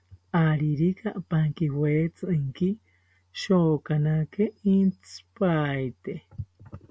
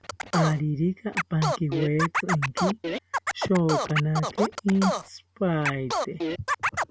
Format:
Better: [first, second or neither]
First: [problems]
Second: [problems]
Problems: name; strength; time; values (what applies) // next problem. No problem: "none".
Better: first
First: none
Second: background sound (Scratching (performance technique)); 3 dB below the speech